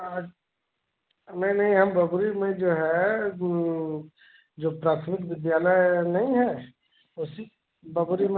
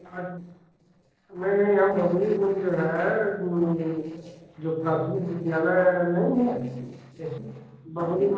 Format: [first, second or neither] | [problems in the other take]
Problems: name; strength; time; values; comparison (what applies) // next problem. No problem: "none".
first | noise reduction (neural separator model SepFormer DNS4)